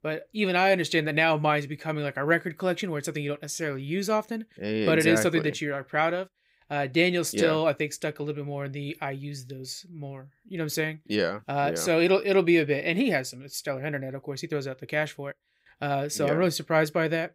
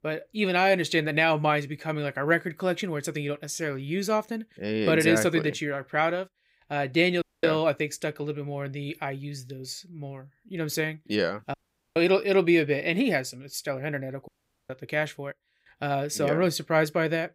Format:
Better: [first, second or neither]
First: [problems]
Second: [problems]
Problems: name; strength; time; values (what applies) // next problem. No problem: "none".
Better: first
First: none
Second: audio cutting out; at 7 s, at 12 s and at 14 s